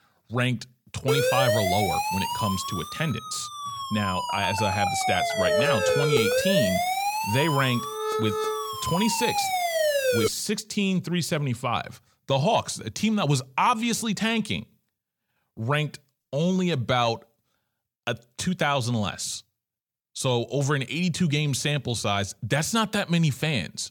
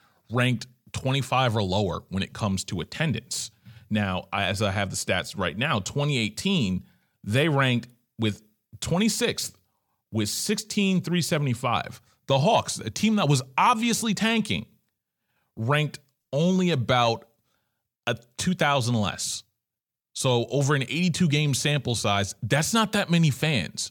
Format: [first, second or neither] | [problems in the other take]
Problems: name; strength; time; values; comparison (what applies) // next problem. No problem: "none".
second | siren; loud; from 1 to 10 s; peak 4 dB above the speech